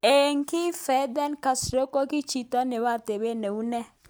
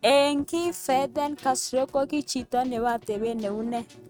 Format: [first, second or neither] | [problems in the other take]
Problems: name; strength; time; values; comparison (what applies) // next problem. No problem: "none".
first | noise reduction (neural mask model RNNoise)